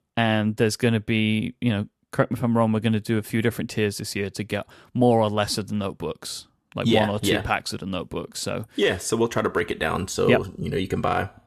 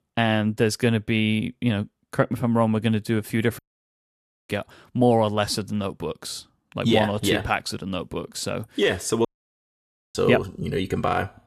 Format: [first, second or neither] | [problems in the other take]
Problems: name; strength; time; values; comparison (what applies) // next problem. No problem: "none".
first | audio cutting out; at 3.5 s for 1 s and at 9.5 s for 1 s